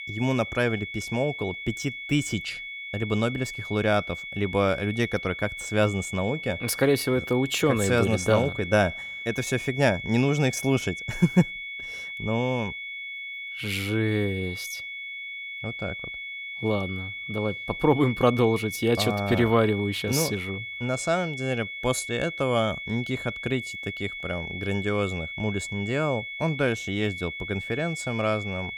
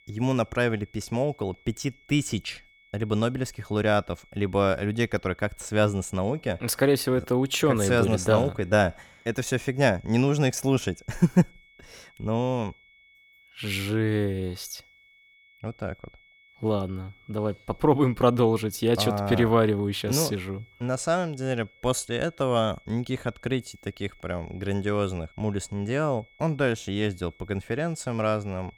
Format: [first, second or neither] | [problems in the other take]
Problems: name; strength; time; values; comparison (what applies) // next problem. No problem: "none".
second | high-pitched whine; loud; throughout; 2 kHz, 7 dB below the speech; faint in the second